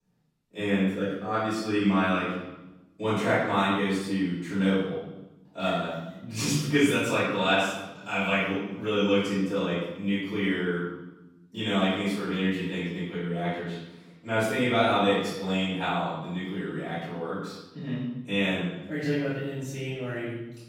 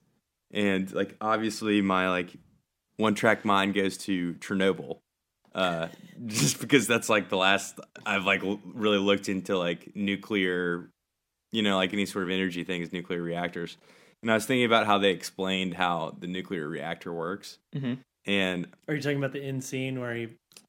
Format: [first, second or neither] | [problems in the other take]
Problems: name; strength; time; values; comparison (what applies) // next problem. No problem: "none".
second | off-mic speech; far // room echo; strong; dies away in 1 s